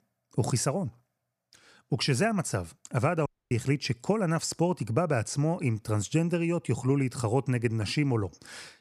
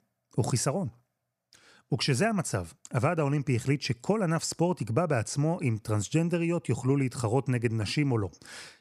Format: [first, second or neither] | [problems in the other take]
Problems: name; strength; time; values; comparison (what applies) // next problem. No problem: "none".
second | audio cutting out; at 3.5 s